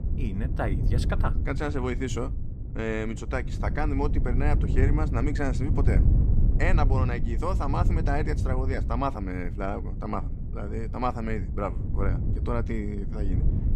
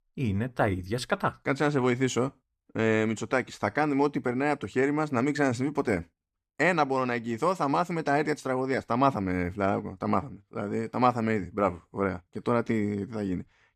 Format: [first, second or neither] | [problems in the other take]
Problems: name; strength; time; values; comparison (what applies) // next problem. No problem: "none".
second | wind noise on the microphone; heavy; 10 dB below the speech